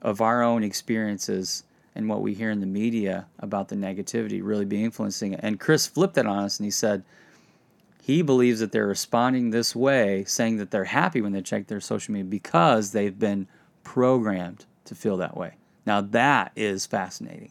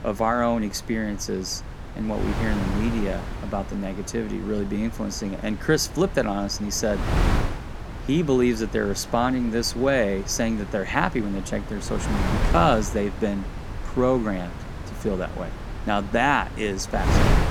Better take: first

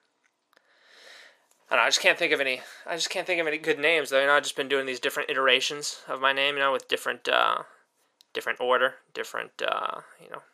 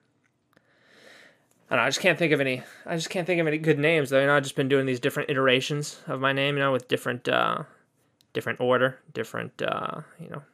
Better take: second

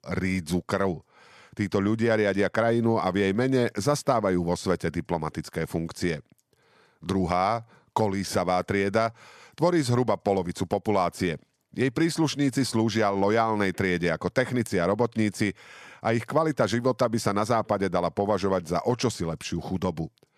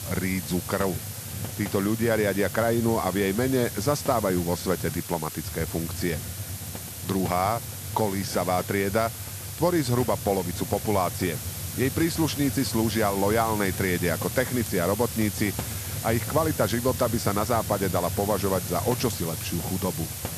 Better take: first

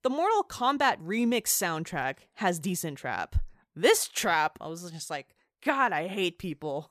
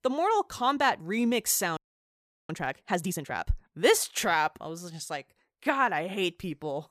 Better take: first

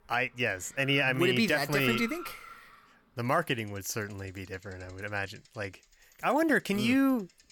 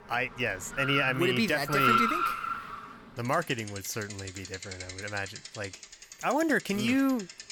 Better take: first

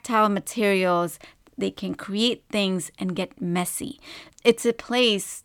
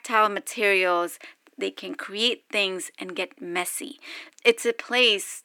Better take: first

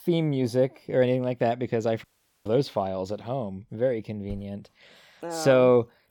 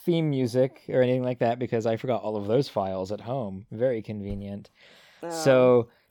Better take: second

